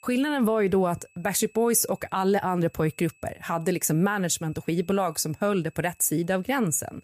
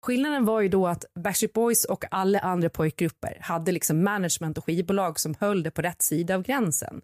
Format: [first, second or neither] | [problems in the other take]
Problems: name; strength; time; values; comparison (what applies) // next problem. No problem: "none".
second | high-pitched whine; faint; throughout; 2.5 kHz, 30 dB below the speech